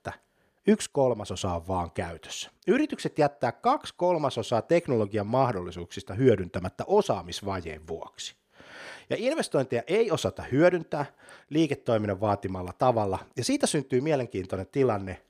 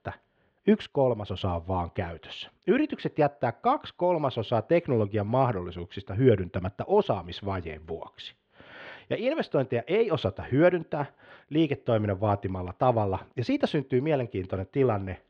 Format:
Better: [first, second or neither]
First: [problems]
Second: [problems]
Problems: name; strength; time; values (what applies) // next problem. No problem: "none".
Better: first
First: none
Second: muffled; slightly; fading above 3.5 kHz